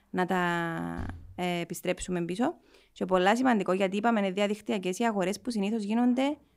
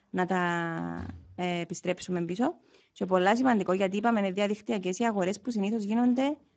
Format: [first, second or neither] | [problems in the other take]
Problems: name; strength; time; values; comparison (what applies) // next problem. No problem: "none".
first | garbled, watery; badly; nothing above 7.5 kHz